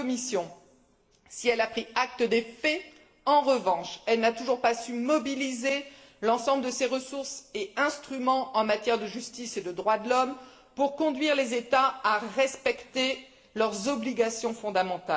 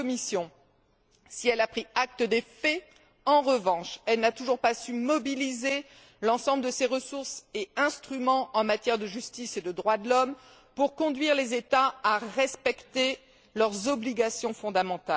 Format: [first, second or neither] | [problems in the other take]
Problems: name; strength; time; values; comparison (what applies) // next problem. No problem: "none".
second | room echo; dies away in 0.7 s